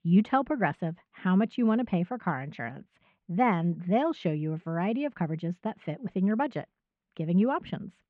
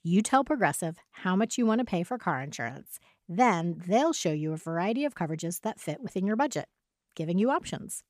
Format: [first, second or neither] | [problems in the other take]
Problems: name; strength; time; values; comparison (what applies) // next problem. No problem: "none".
second | muffled; very; fading above 3 kHz